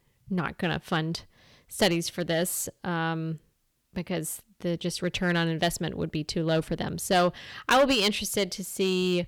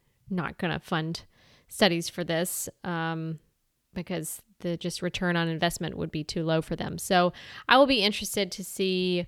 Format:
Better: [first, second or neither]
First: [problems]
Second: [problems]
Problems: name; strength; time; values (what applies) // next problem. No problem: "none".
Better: second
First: distortion; slight; 2% of the sound clipped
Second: none